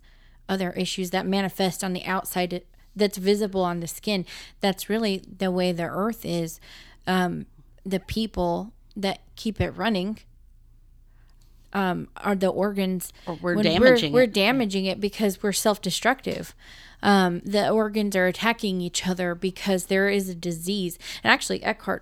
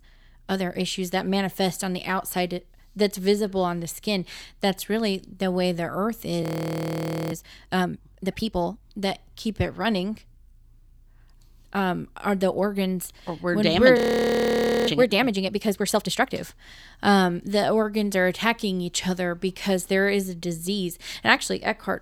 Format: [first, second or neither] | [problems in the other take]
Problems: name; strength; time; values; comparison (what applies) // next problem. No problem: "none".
first | audio freezing; at 6.5 s for 1 s and at 14 s for 1 s